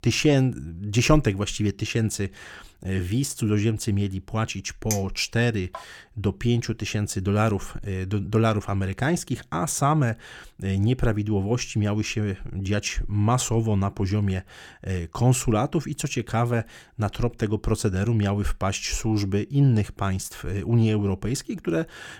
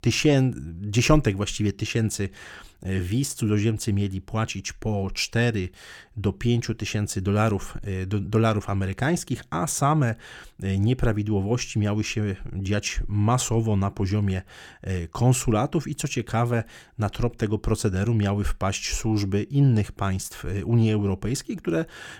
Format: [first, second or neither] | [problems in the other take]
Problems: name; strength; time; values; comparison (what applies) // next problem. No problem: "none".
second | clattering dishes; noticeable; at 5 s; peak 7 dB below the speech